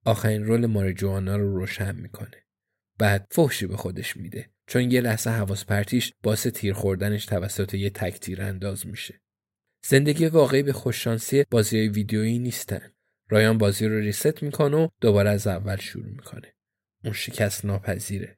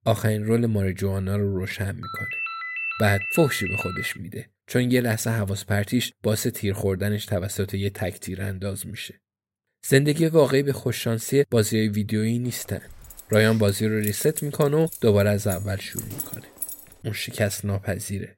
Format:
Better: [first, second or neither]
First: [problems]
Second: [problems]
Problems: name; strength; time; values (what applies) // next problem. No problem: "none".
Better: first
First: none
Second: phone ringing; noticeable; from 2 to 4 s; peak 4 dB below the speech // jangling keys; noticeable; from 13 to 17 s; peak 7 dB below the speech